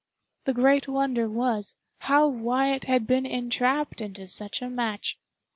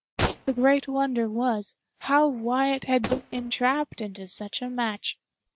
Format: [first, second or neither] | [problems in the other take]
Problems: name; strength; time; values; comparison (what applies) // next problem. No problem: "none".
first | noise reduction (neural mask model RNNoise)